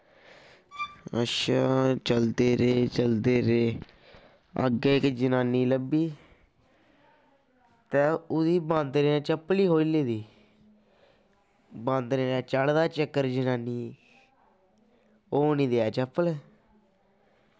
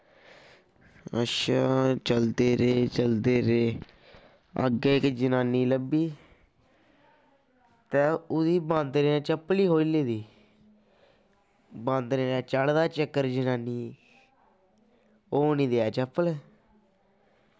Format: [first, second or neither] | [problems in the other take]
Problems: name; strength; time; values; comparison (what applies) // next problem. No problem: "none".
second | background sound (Bowed string instrument); 13 dB below the speech